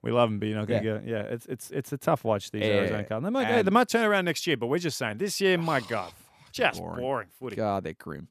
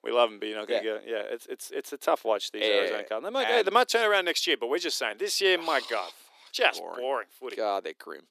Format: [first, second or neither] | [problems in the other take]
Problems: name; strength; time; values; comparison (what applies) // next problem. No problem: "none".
first | thin; very; fading below 350 Hz